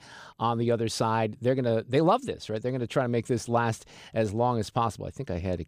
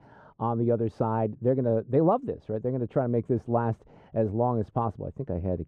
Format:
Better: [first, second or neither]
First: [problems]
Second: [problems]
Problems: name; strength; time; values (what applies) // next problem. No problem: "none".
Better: first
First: none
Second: muffled; very; fading above 2 kHz